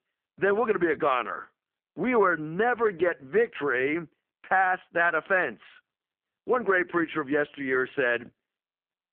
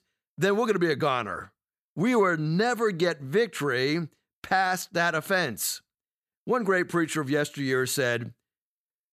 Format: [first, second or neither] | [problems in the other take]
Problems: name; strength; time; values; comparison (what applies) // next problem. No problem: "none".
second | phone-call audio; poor line